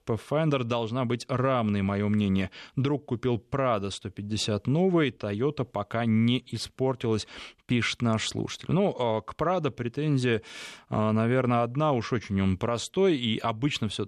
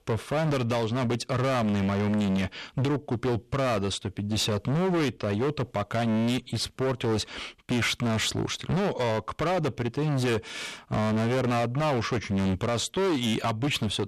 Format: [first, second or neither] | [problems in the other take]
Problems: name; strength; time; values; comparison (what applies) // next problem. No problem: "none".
first | distortion; heavy; 28% of the sound clipped